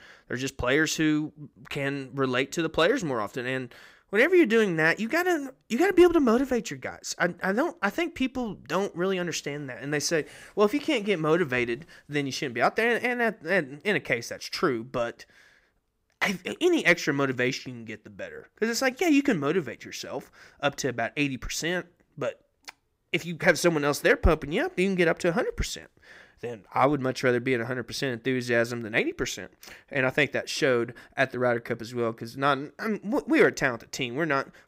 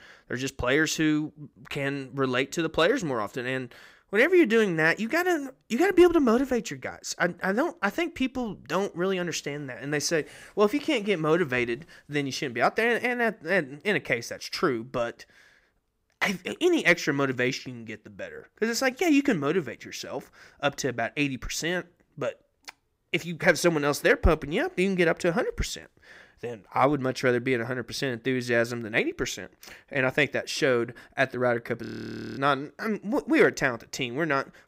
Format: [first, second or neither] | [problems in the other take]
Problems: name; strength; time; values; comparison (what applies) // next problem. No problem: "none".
first | audio freezing; at 32 s for 0.5 s